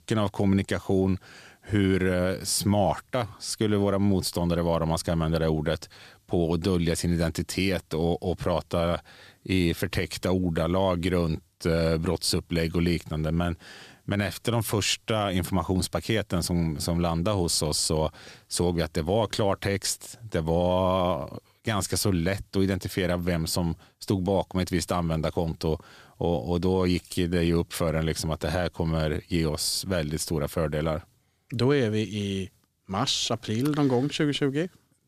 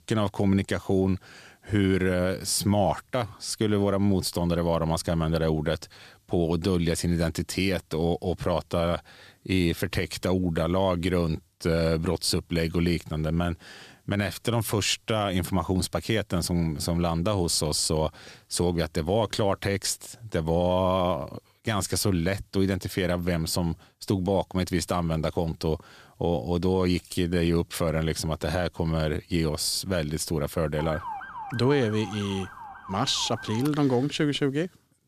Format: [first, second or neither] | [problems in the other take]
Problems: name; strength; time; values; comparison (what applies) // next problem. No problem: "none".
first | siren; noticeable; from 31 to 34 s; peak 9 dB below the speech